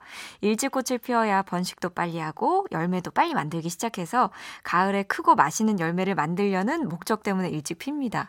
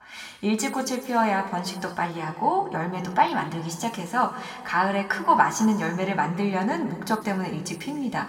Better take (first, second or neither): first